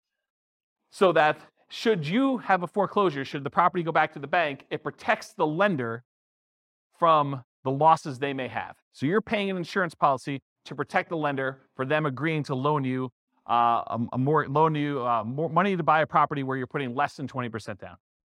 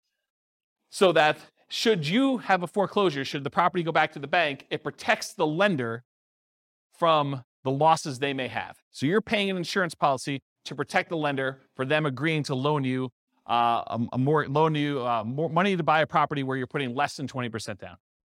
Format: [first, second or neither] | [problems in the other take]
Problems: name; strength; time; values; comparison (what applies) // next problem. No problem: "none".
second | muffled; slightly; fading above 3 kHz